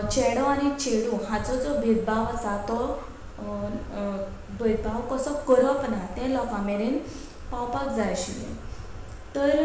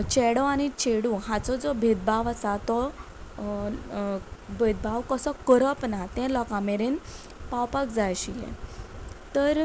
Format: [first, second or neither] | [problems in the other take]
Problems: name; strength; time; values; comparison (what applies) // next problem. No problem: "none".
second | room echo; dies away in 0.9 s